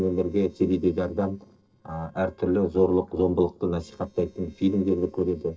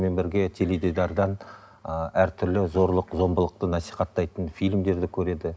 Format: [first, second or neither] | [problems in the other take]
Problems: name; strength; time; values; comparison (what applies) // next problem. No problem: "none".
second | noise reduction (neural separator model SepFormer DNS4)